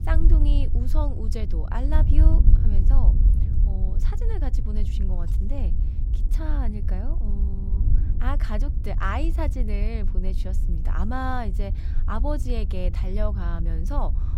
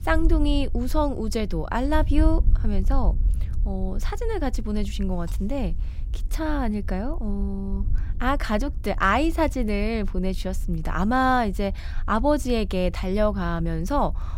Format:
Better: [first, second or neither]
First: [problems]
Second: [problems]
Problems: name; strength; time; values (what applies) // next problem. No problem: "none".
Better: second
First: wind noise on the microphone; heavy; 9 dB below the speech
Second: wind noise on the microphone; occasional gusts; 25 dB below the speech